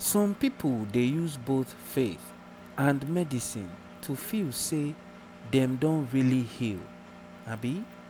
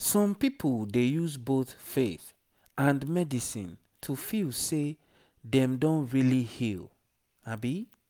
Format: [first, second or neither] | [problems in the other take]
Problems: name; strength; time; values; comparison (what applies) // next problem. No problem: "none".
second | background sound (Engine); 18 dB below the speech